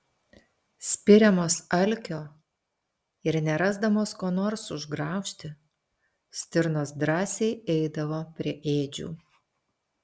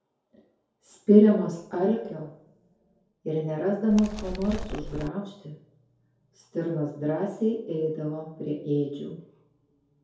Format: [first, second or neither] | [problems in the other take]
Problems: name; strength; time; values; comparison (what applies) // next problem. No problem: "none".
first | background sound (Animal); 8 dB below the speech // room echo; dies away in 2.3 s